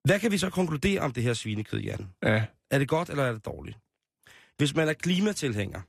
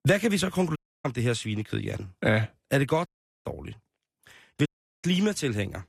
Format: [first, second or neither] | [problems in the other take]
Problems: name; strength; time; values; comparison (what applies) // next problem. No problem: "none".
first | audio cutting out; at 1 s, at 3 s and at 4.5 s